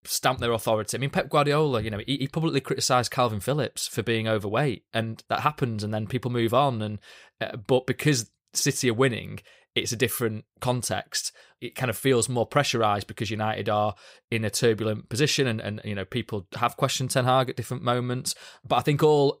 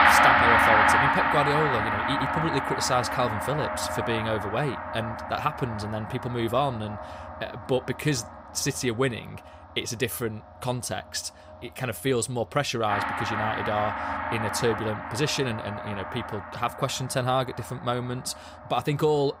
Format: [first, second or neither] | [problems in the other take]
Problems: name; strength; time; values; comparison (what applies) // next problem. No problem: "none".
first | background music; very loud; throughout; 3 dB above the speech